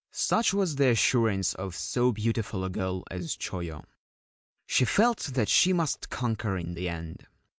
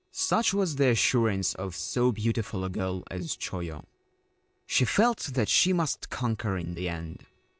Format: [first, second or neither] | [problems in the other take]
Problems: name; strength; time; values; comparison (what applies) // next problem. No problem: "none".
first | noise reduction (neural separator model SepFormer DNS4)